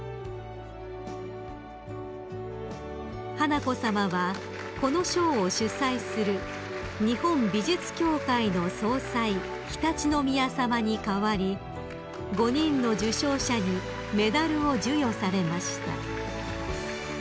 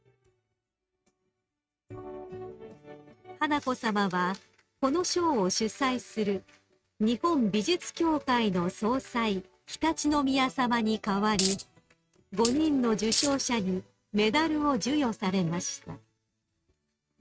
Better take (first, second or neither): first